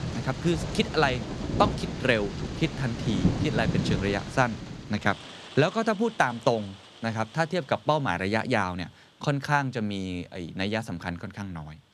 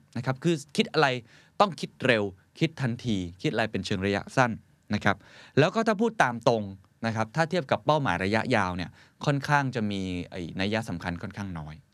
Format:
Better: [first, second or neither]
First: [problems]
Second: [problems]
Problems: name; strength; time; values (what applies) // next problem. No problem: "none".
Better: second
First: rain or running water; loud; throughout; 4 dB below the speech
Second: none